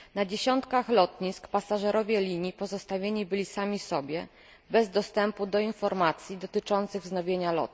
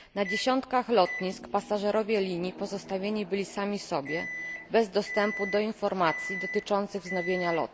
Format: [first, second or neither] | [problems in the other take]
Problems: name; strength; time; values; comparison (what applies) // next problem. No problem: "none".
first | background sound (Microwave oven); 11 dB below the speech